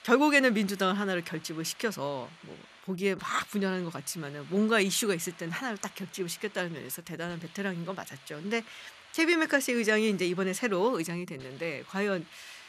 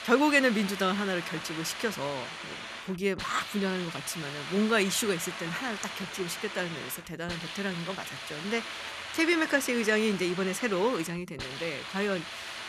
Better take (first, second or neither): first